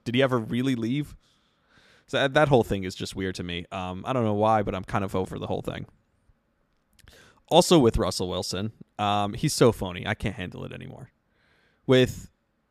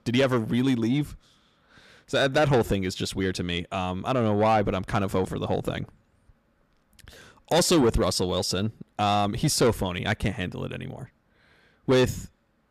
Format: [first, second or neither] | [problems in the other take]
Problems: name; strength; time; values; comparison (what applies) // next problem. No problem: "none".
first | distortion; heavy; 8 dB below the speech